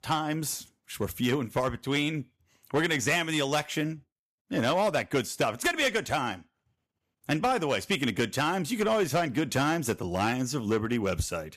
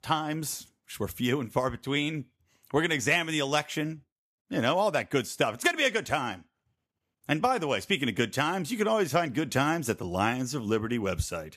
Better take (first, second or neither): second